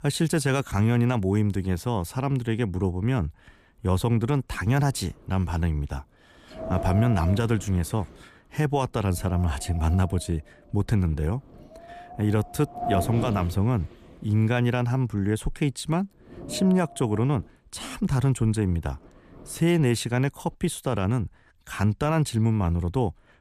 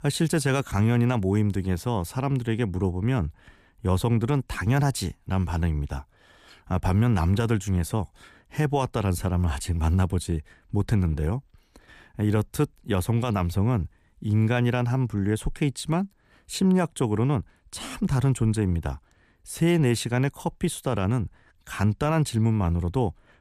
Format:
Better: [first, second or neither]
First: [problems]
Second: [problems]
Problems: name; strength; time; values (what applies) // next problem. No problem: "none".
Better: second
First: wind noise on the microphone; heavy; from 3.5 to 21 s; 5 dB below the speech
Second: none